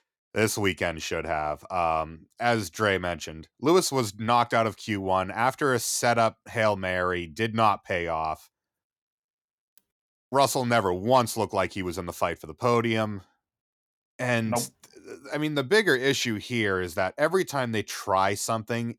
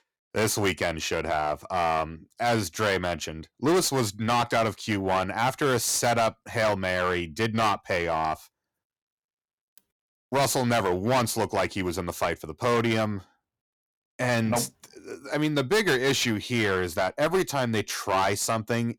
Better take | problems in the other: first | distortion; heavy; 10% of the sound clipped

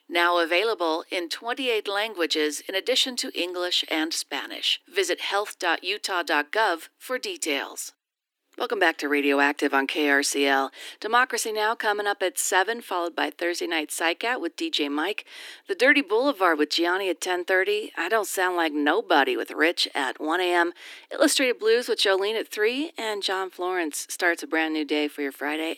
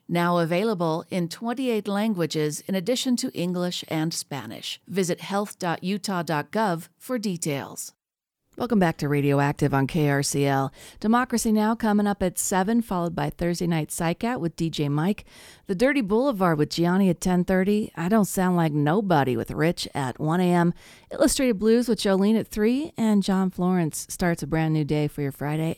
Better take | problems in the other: second | thin; somewhat; fading below 300 Hz

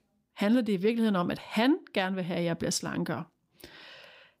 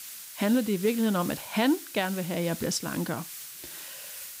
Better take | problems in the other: first | hiss; noticeable; throughout; 10 dB below the speech

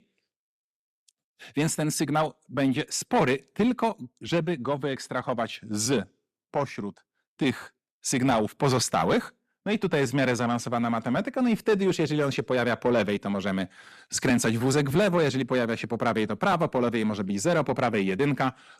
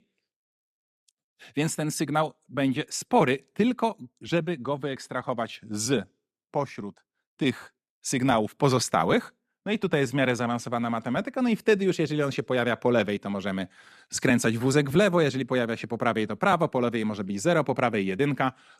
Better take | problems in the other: second | distortion; slight; 10 dB below the speech

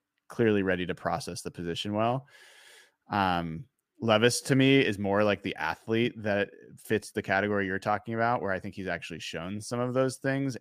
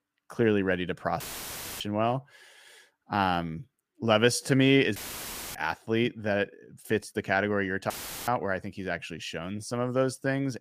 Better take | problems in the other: first | audio cutting out; filled with static; at 1 s for 0.5 s, at 5 s for 0.5 s and at 8 s

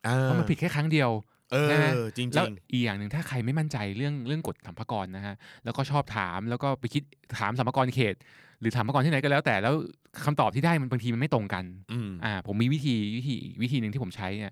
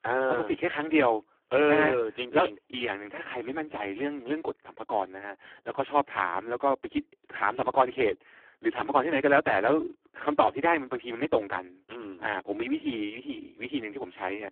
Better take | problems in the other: first | phone-call audio; poor line

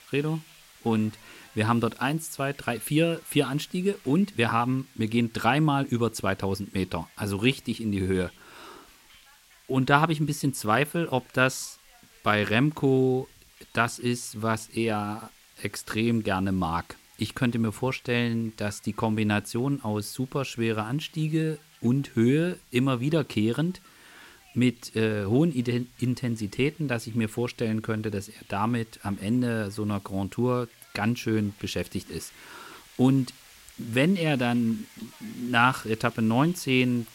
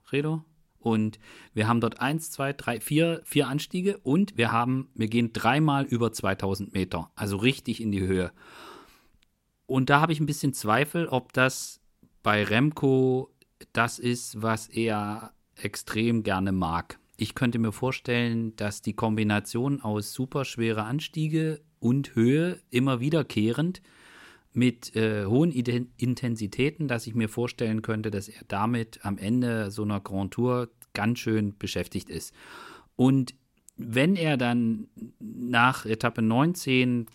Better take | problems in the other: second | hiss; faint; throughout; 25 dB below the speech

